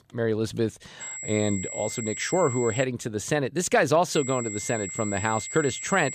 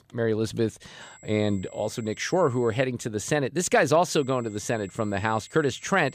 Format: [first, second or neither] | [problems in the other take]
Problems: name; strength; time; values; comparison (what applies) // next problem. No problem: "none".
second | high-pitched whine; loud; from 1 to 3 s and from 4 s on; 7.5 kHz, 8 dB below the speech; faint in the second